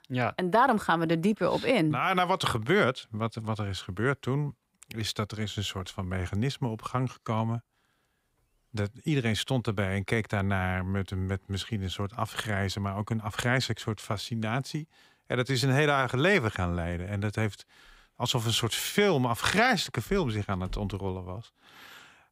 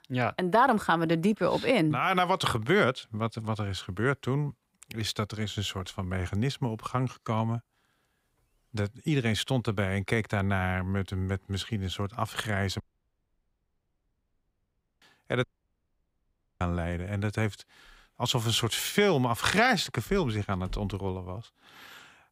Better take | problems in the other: first | audio cutting out; at 13 s for 2 s and at 15 s for 1 s

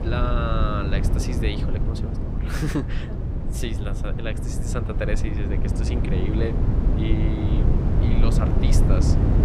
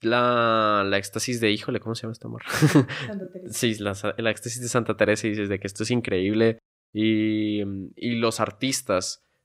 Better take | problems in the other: second | low rumble; loud; throughout; 2 dB below the speech

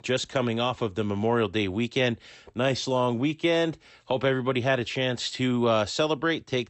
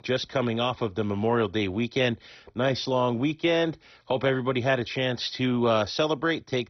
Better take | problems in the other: first | garbled, watery; badly; nothing above 6 kHz; slightly in the first

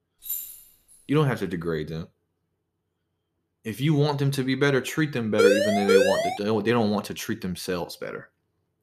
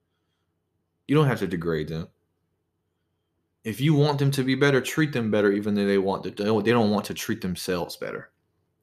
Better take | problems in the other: second | jangling keys; noticeable; at the start; peak 6 dB below the speech // siren; loud; at 5.5 s; peak 5 dB above the speech

